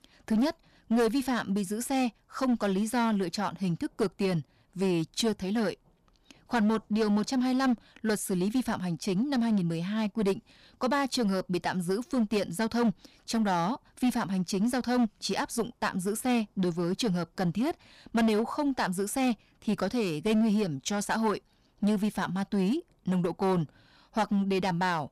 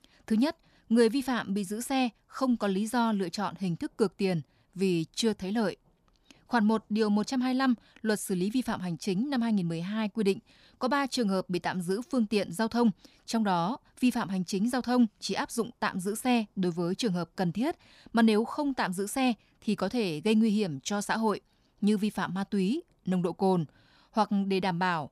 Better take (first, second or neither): second